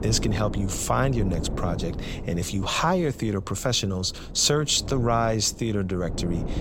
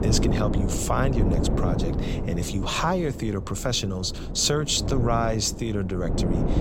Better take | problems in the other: first | wind noise on the microphone; heavy; 8 dB below the speech; occasional gusts in the first

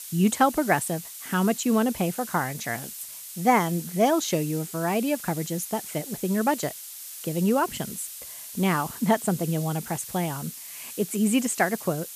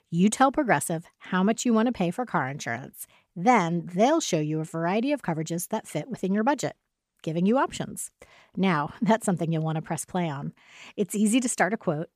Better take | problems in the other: second | hiss; noticeable; throughout; 10 dB below the speech

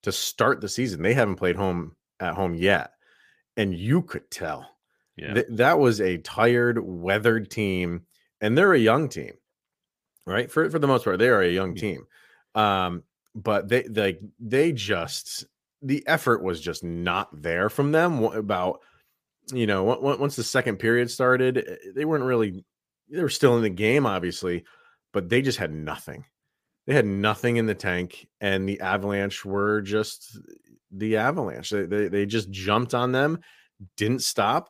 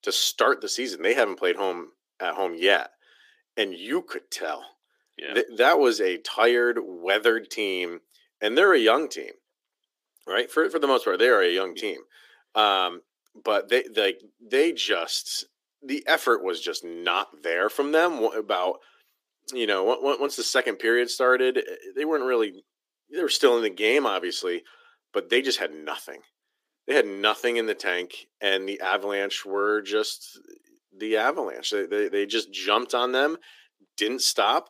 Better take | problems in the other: first | thin; somewhat; fading below 300 Hz

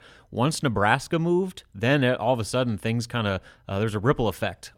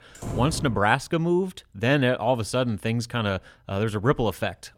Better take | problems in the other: first | door banging; noticeable; at the start; peak 8 dB below the speech

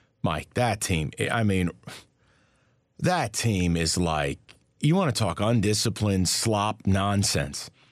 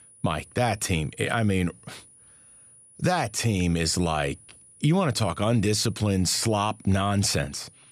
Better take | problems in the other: first | high-pitched whine; faint; throughout; 9.5 kHz, 25 dB below the speech

